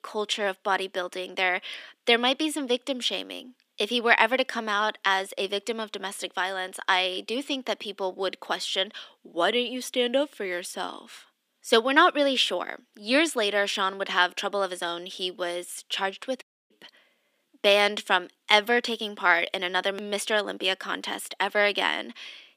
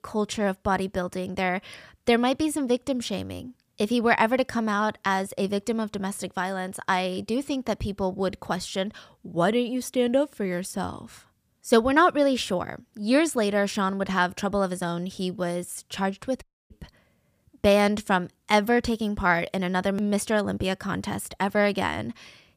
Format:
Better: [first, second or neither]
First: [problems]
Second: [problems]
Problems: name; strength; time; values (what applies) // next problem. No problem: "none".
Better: second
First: thin; somewhat; fading below 250 Hz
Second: none